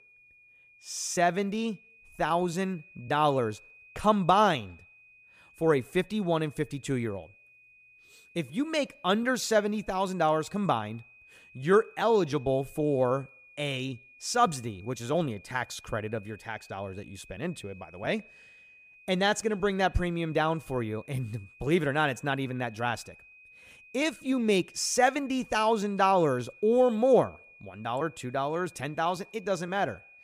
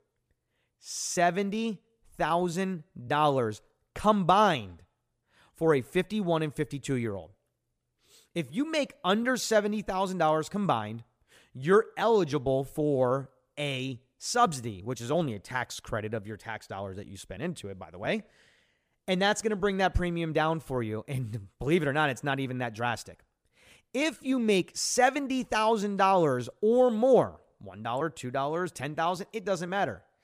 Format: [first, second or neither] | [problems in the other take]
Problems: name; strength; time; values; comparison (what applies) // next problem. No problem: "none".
second | high-pitched whine; faint; throughout; 2.5 kHz, 25 dB below the speech